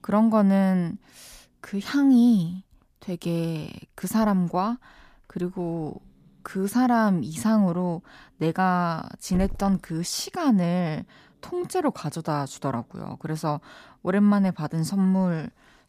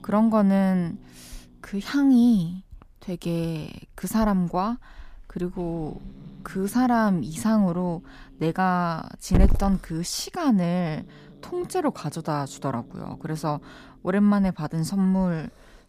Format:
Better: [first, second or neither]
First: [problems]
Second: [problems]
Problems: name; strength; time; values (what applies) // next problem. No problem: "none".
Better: first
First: hiss; faint; throughout; 25 dB below the speech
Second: hiss; loud; throughout; 10 dB below the speech